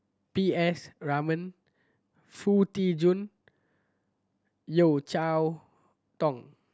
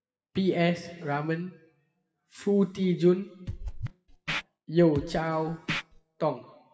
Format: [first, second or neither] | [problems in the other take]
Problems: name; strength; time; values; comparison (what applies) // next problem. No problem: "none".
first | noise reduction (classical method WPE with log-MMSE)